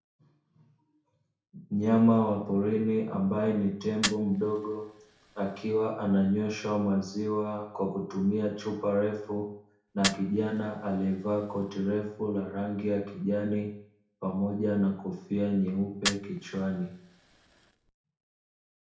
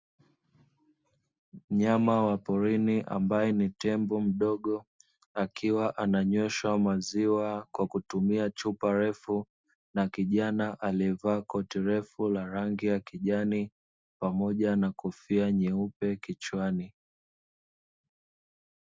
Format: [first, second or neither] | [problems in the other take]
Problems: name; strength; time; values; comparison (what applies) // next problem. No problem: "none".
second | background sound (Fire); 14 dB below the speech // room echo; dies away in 0.6 s